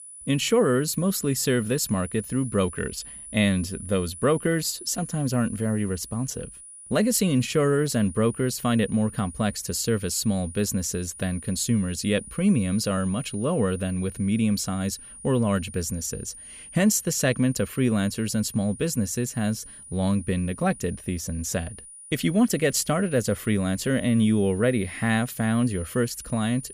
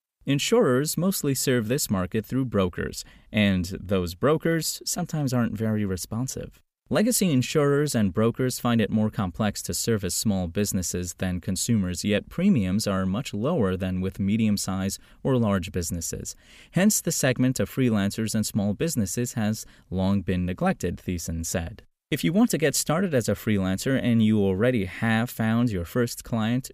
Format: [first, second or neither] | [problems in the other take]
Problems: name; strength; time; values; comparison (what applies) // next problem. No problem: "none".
second | high-pitched whine; noticeable; throughout; 10 kHz, 15 dB below the speech